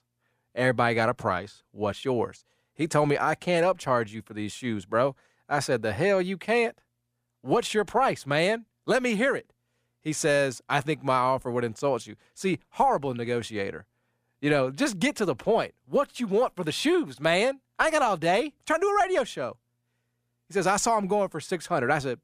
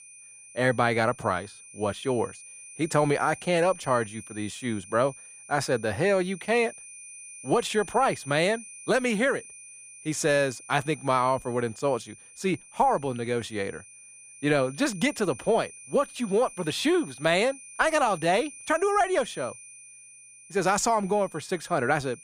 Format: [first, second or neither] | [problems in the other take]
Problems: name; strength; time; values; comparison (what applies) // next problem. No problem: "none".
first | high-pitched whine; noticeable; throughout; 9.5 kHz, 15 dB below the speech